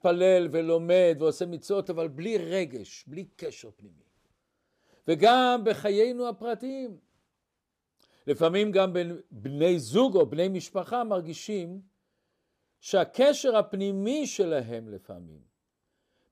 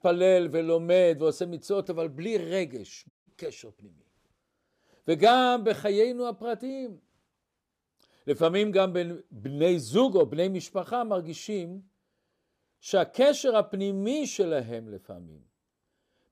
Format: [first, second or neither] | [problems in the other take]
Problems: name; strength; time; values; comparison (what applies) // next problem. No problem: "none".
first | audio cutting out; at 3 s